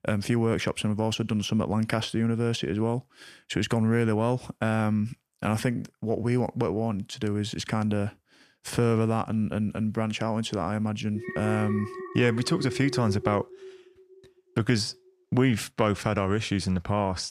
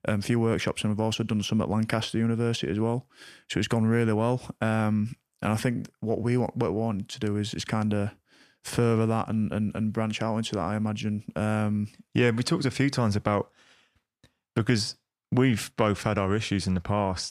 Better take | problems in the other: second | alarm; noticeable; from 11 to 14 s; peak 6 dB below the speech

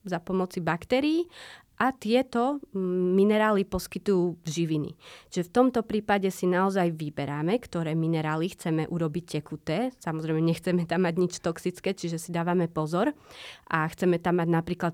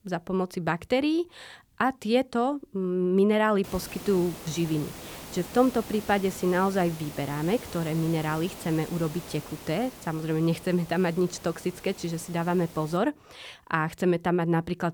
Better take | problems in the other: first | hiss; noticeable; from 3.5 to 13 s; 15 dB below the speech

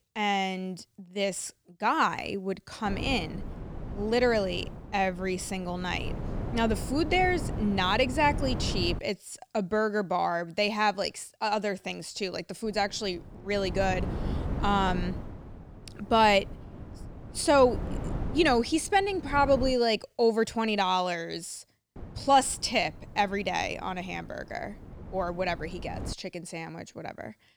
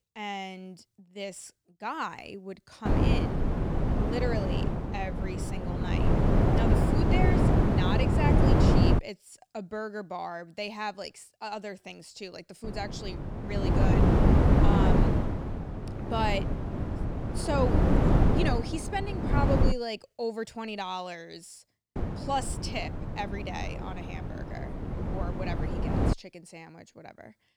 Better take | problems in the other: first | wind noise on the microphone; heavy; from 3 to 9 s, from 13 to 20 s and from 22 to 26 s; 2 dB above the speech; occasional gusts in the first

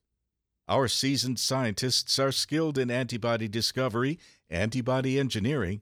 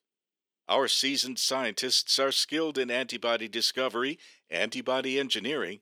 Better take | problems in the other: first | thin; somewhat; fading below 300 Hz

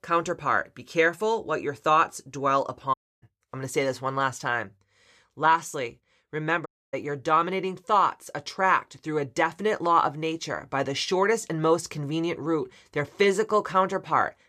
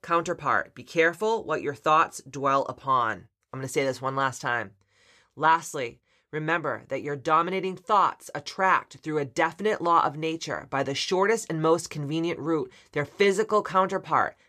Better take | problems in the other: second | audio cutting out; at 3 s and at 6.5 s

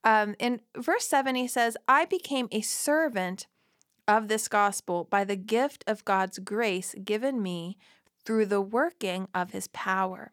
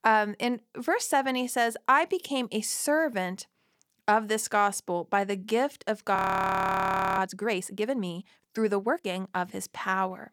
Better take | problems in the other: first | audio freezing; at 6 s for 1 s

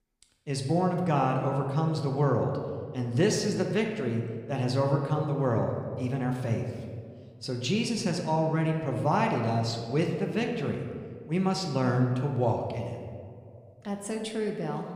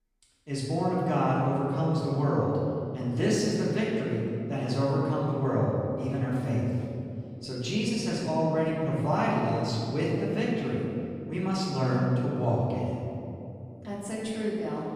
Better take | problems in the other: first | room echo; strong; dies away in 2.7 s; slight in the first // off-mic speech; far

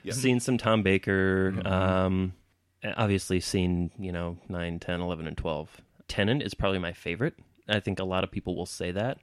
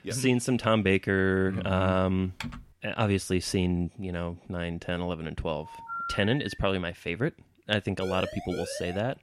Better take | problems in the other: first | keyboard typing; faint; at 2.5 s; peak 10 dB below the speech // phone ringing; noticeable; at 5.5 s; peak 6 dB below the speech // siren; noticeable; at 8 s; peak 9 dB below the speech

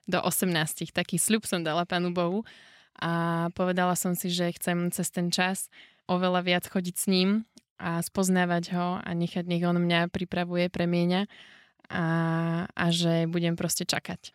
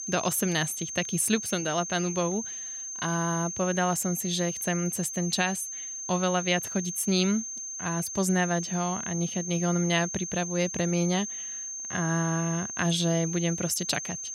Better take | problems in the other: first | high-pitched whine; loud; throughout; 6.5 kHz, 5 dB below the speech

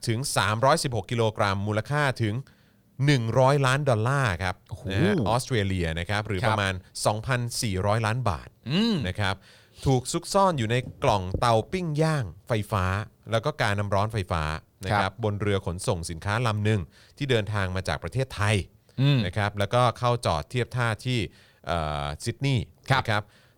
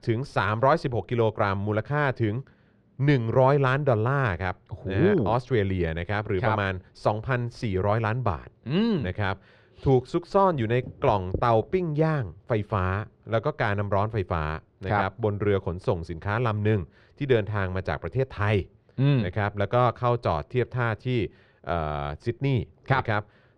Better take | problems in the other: first | muffled; slightly; fading above 2.5 kHz

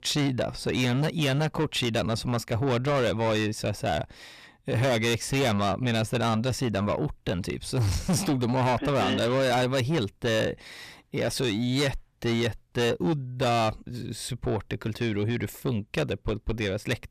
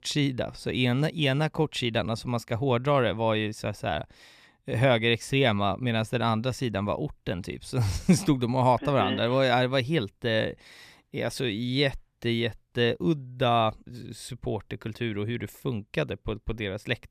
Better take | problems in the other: second | distortion; heavy; 7 dB below the speech

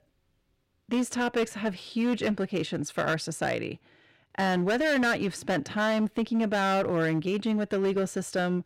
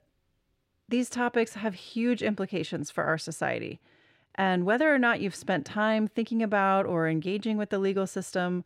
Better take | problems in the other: second | distortion; slight; 11% of the sound clipped

